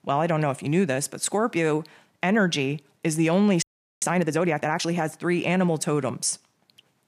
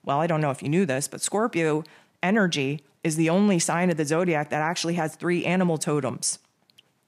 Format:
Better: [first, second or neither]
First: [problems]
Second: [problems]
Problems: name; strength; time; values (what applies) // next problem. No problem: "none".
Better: second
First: audio freezing; at 3.5 s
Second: none